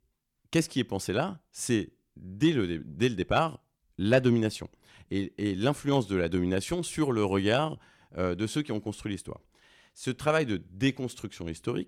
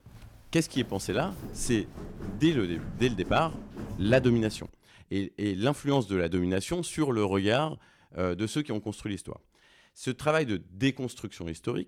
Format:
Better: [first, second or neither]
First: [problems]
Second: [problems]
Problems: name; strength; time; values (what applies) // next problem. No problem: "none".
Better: first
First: none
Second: footsteps; noticeable; until 4.5 s; peak 7 dB below the speech